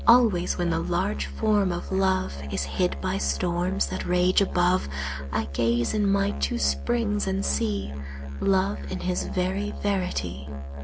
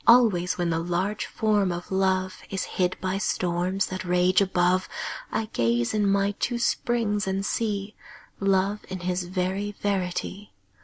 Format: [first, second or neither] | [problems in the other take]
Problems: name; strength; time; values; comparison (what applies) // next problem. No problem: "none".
second | background sound (Musical instrument); 7 dB below the speech